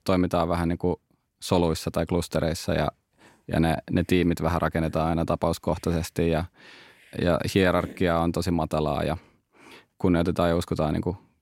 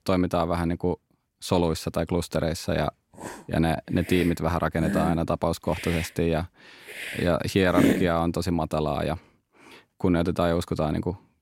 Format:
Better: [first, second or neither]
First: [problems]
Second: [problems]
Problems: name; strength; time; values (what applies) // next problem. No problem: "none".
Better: first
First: hiss; faint; from 2.5 to 8 s; 25 dB below the speech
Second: hiss; loud; from 2.5 to 8 s; 4 dB below the speech